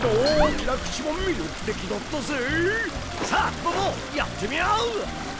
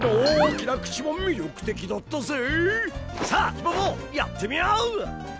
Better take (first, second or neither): second